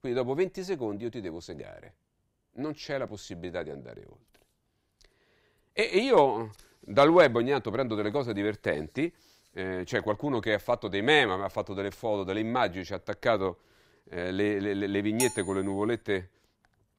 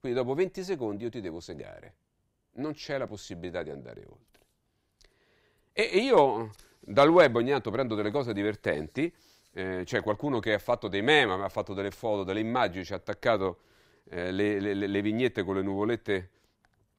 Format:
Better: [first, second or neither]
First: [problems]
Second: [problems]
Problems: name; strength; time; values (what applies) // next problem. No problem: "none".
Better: second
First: clattering dishes; noticeable; at 15 s; peak 4 dB below the speech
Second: none